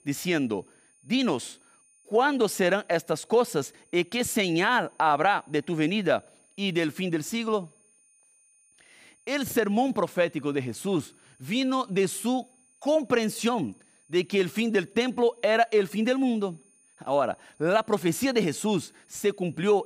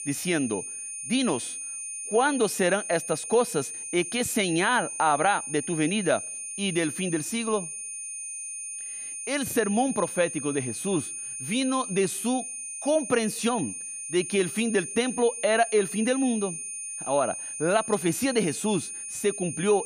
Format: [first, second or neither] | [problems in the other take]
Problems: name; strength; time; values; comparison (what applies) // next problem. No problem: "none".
first | high-pitched whine; loud; throughout; 9 kHz, 6 dB below the speech; faint in the first